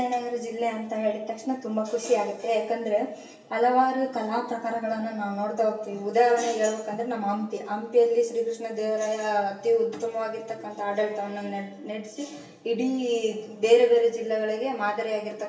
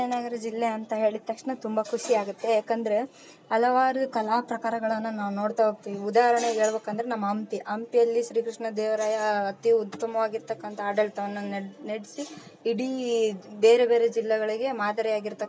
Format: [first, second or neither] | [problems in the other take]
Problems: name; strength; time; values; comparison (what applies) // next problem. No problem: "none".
second | room echo; dies away in 0.9 s